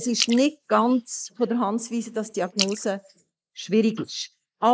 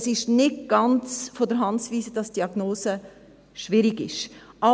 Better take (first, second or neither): second